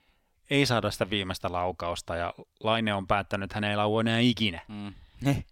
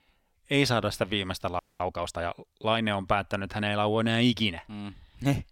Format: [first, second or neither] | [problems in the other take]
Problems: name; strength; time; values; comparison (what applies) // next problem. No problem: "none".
first | audio freezing; at 1.5 s